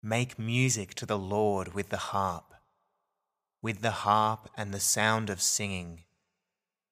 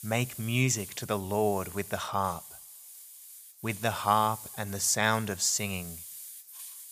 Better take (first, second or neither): first